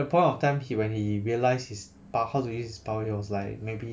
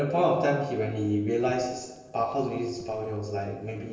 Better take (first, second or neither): first